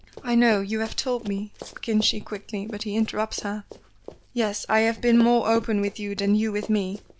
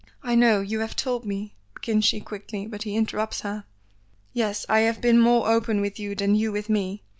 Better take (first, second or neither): second